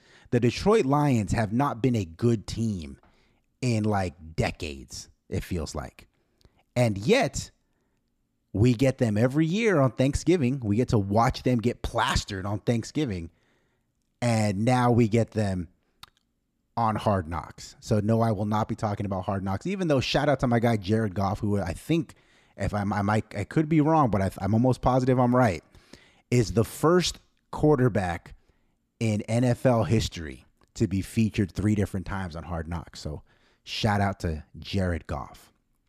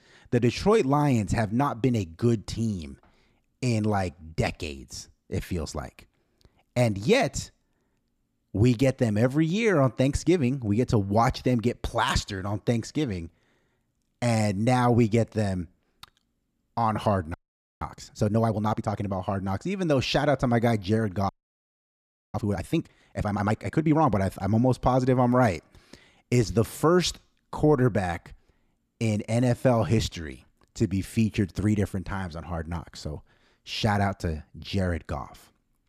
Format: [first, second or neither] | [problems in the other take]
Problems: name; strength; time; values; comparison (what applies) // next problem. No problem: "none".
first | audio freezing; at 17 s and at 21 s for 1 s